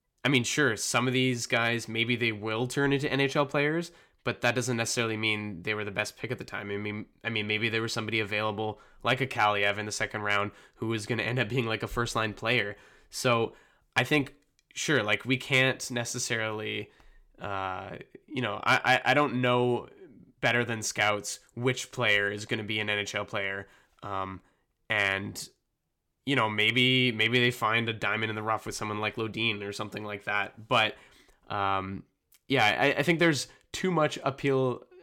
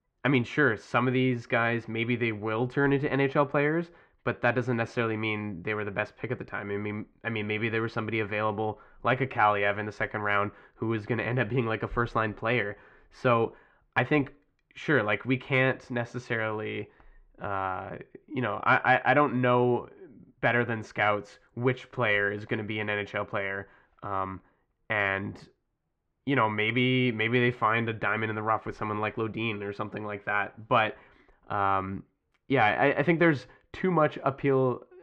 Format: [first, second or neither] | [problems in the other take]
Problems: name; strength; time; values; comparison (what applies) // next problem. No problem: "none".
first | muffled; very; fading above 1.5 kHz